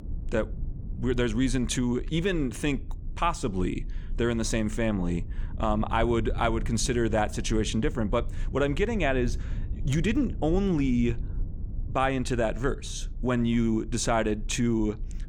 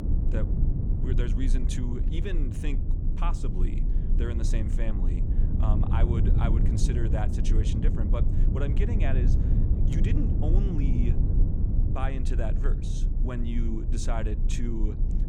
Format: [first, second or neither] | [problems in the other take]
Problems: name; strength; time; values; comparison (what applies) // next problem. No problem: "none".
first | low rumble; loud; throughout; 3 dB below the speech; faint in the first